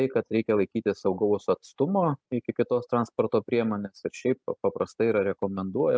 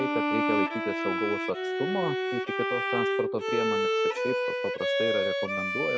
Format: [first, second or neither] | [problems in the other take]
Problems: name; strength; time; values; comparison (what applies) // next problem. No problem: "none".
first | background sound (Bowed string instrument); 4 dB above the speech